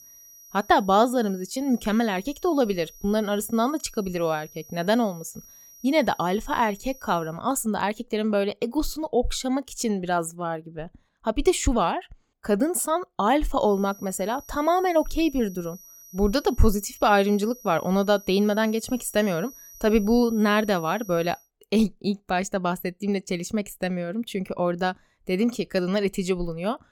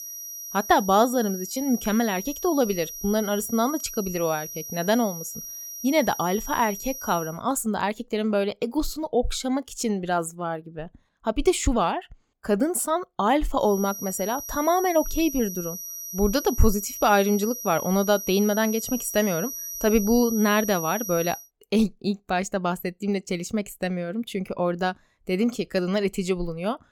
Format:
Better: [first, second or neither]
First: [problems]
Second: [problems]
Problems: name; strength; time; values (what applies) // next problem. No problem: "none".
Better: first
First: high-pitched whine; faint; until 7.5 s and from 14 to 21 s; 6 kHz, 20 dB below the speech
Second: high-pitched whine; loud; until 7.5 s and from 14 to 21 s; 6 kHz, 8 dB below the speech